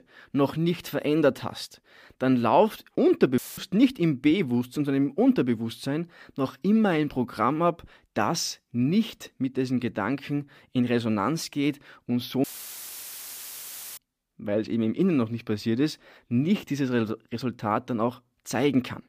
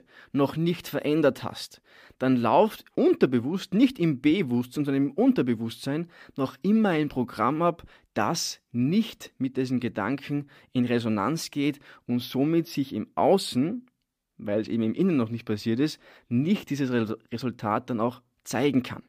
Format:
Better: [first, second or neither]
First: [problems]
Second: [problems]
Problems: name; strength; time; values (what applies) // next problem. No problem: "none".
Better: second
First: audio cutting out; filled with static; at 3.5 s and at 12 s for 1.5 s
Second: none